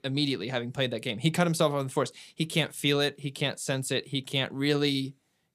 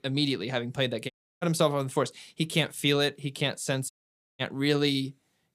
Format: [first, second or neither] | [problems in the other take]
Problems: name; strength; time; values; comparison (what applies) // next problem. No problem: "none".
first | audio cutting out; at 1 s and at 4 s